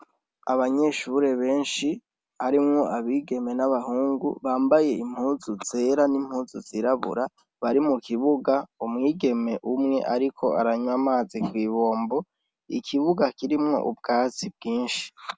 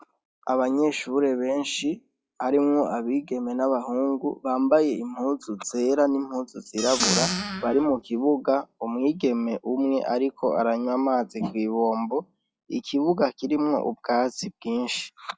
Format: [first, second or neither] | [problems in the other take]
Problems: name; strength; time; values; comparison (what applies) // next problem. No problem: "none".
first | noise reduction (classical method log-MMSE)